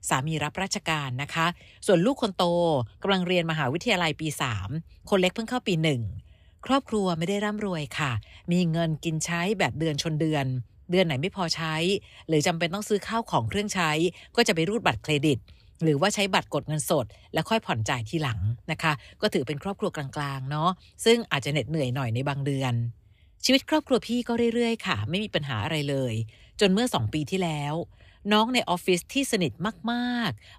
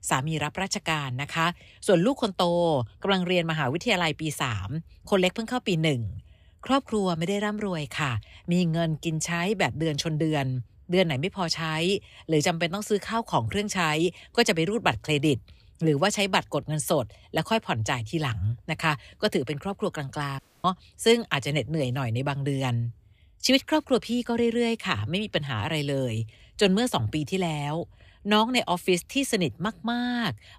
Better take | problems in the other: first | audio cutting out; at 20 s

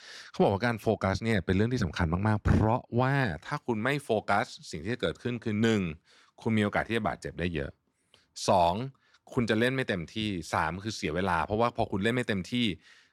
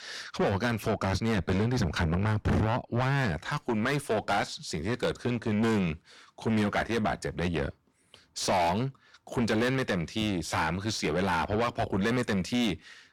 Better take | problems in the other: first | distortion; heavy; 5 dB below the speech

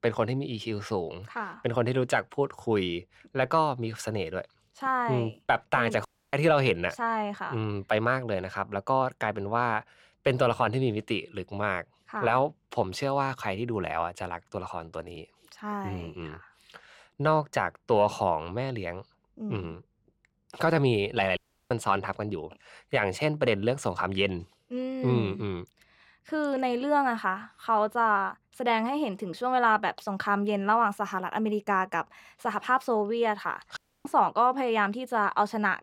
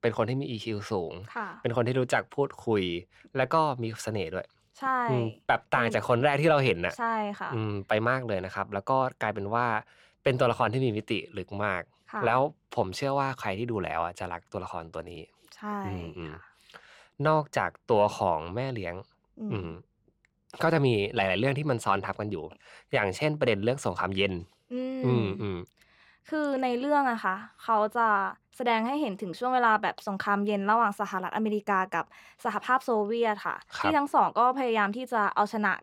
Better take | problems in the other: second | audio cutting out; at 6 s, at 21 s and at 34 s

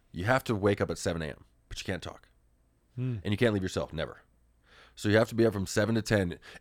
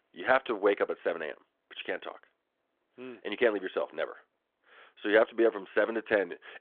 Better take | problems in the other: first | phone-call audio

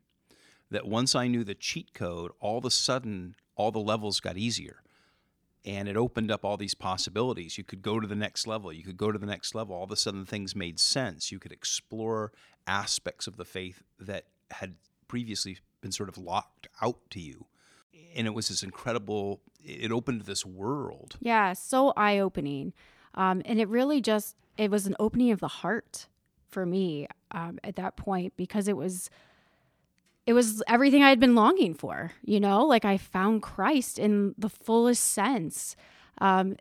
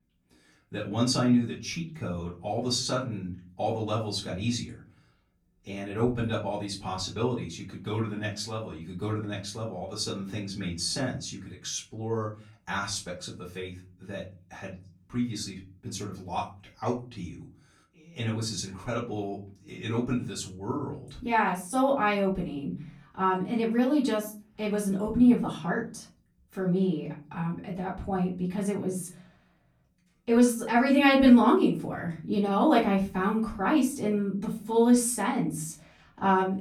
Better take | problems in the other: first | off-mic speech; far // room echo; slight; dies away in 0.5 s

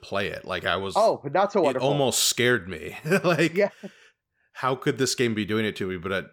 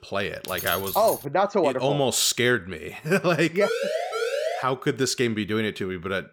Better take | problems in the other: first | jangling keys; noticeable; at 0.5 s; peak 6 dB below the speech // siren; noticeable; from 3.5 to 4.5 s; peak 2 dB below the speech

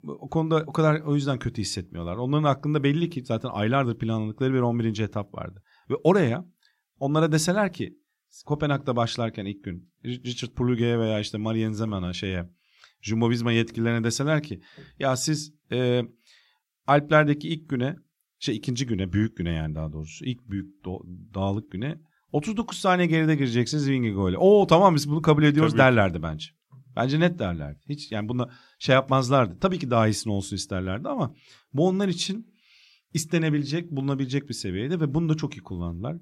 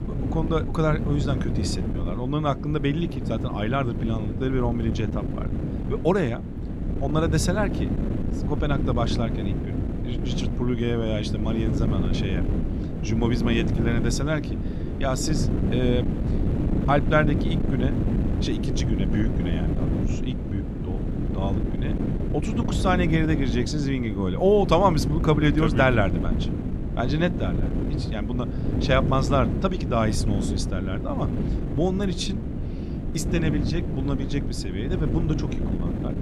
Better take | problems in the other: first | wind noise on the microphone; heavy; 7 dB below the speech

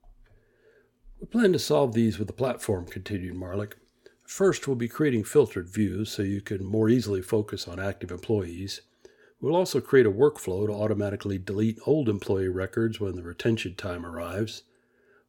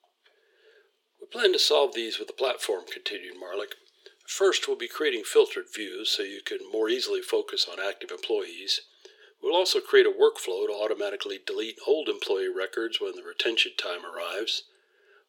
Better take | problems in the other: first | thin; very; fading below 400 Hz

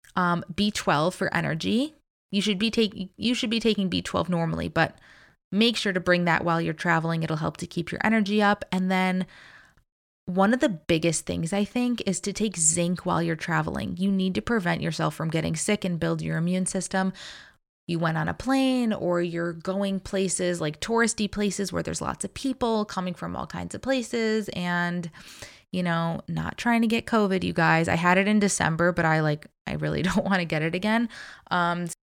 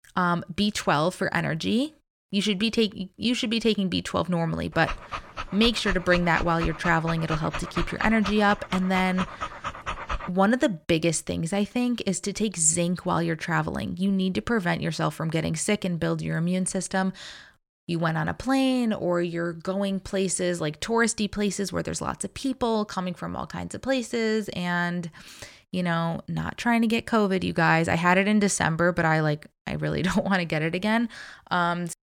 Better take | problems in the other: first | dog barking; noticeable; from 5 to 10 s; peak 7 dB below the speech

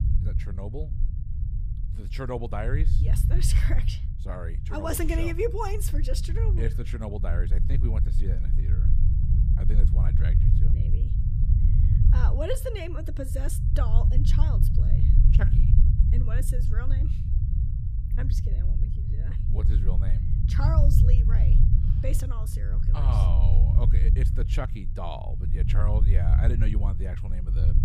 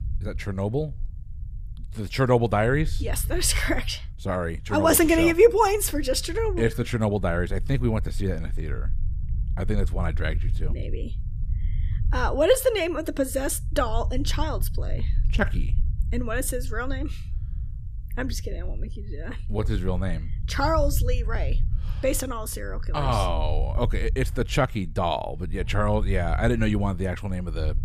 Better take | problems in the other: second | low rumble; loud; throughout; 5 dB below the speech; faint in the second

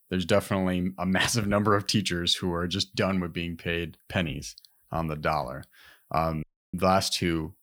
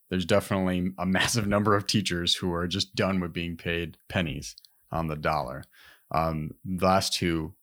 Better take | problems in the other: second | audio cutting out; at 6.5 s

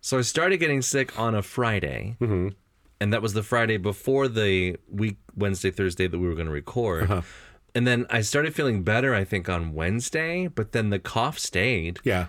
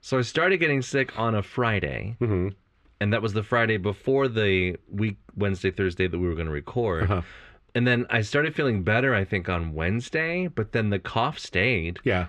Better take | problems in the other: first | muffled; slightly; fading above 3 kHz

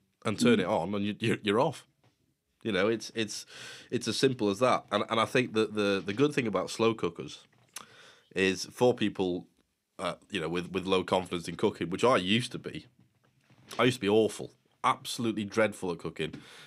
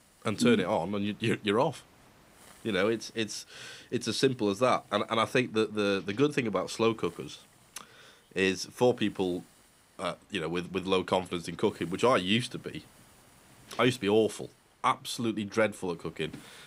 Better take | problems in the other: first | hiss; faint; throughout; 30 dB below the speech

